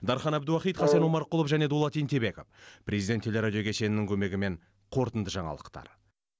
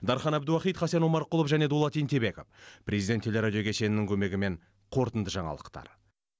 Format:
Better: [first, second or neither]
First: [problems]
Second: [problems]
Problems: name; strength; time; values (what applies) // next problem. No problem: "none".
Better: second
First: background sound (Brass instrument); 3 dB below the speech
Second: none